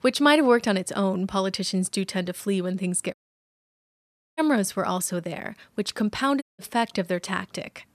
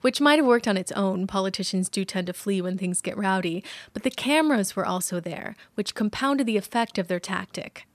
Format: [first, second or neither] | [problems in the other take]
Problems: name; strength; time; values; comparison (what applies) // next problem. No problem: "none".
second | audio cutting out; at 3 s for 1 s and at 6.5 s